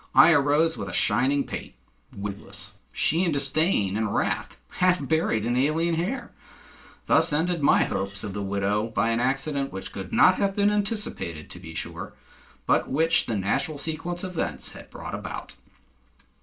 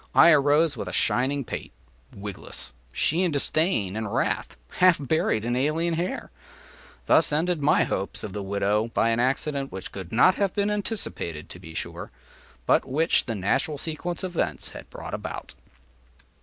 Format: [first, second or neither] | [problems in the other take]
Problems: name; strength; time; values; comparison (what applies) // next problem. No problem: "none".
second | noise reduction (neural separator model SepFormer DNS4)